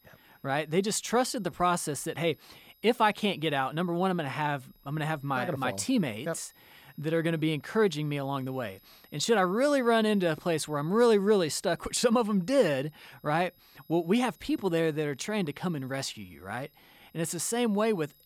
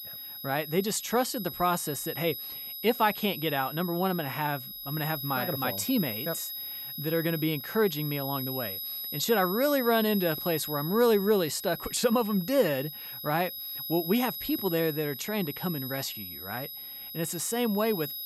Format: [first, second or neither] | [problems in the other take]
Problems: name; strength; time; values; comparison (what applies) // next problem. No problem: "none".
first | high-pitched whine; loud; throughout; 12 kHz, 7 dB below the speech; faint in the first